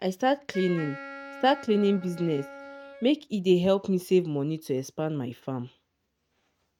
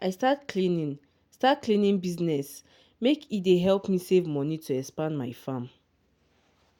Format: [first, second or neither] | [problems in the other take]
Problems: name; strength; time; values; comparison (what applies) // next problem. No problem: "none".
second | noise reduction (neural mask model RNNoise)